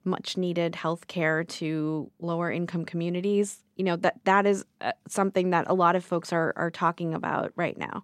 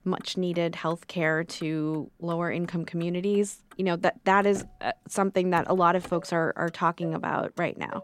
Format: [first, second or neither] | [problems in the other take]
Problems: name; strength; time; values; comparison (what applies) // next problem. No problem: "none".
first | traffic noise; faint; throughout; 25 dB below the speech